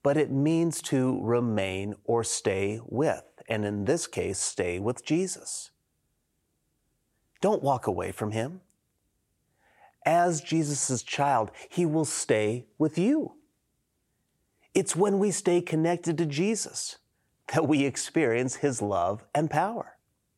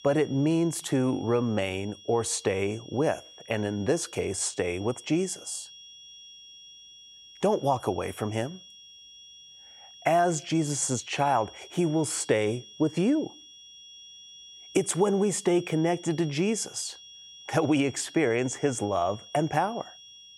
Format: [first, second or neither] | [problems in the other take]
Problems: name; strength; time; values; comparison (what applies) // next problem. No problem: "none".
first | high-pitched whine; noticeable; throughout; 3.5 kHz, 20 dB below the speech